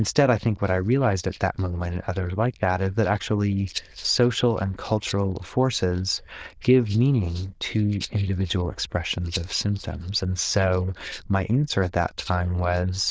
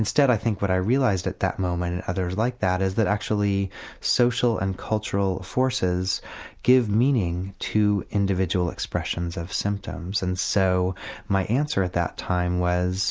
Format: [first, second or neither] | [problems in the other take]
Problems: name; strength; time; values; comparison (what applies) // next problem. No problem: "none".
second | noise reduction (neural diffusion model UNIVERSE++)